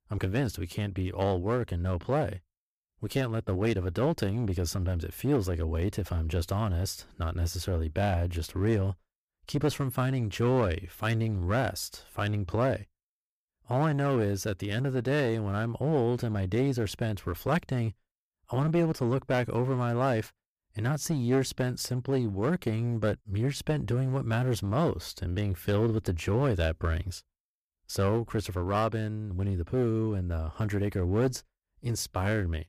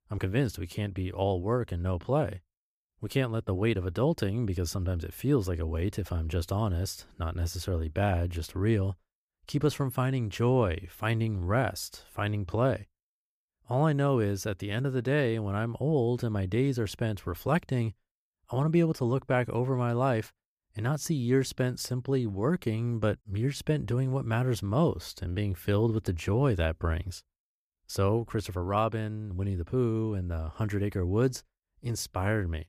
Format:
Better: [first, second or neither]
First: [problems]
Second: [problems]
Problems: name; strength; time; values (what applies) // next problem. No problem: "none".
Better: second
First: distortion; slight; 8% of the sound clipped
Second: none